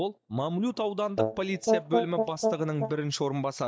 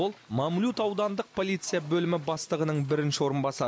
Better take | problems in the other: second | noise reduction (neural mask model DeepFilterNet 3)

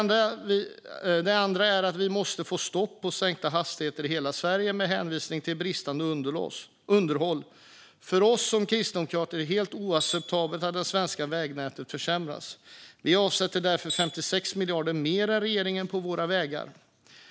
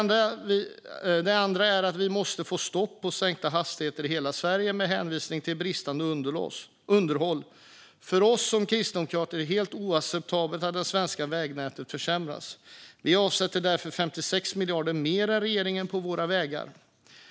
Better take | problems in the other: second | background sound (Tools); 14 dB below the speech

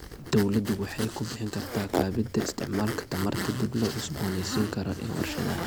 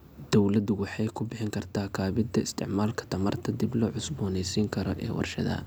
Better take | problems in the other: second | background sound (Zipper (clothing)); 6 dB below the speech

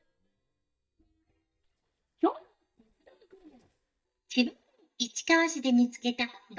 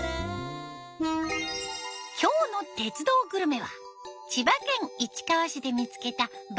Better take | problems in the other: second | noise reduction (neural mask model DeepFilterNet 3)

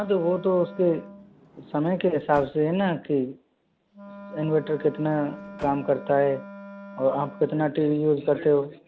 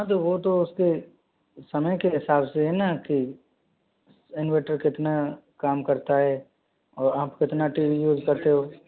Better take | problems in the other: second | background sound (Sliding door + Wind instrument, woodwind instrument); 18 dB below the speech

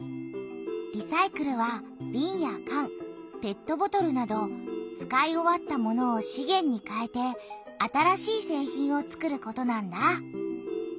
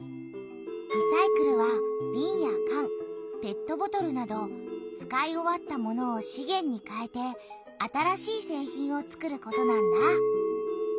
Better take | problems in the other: first | background sound (Chink, clink); 1 dB above the speech

